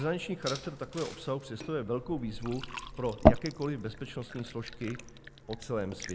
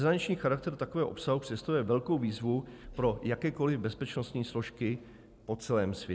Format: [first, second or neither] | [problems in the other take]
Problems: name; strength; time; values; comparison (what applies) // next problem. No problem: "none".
second | background sound (Liquid); 2 dB above the speech